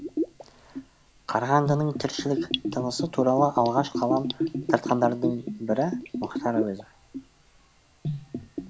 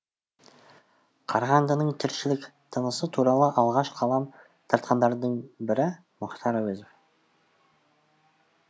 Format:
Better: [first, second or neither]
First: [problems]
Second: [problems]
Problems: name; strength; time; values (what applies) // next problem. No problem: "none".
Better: second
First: background sound (Bathtub (filling or washing) / Gurgling); 5 dB below the speech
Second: none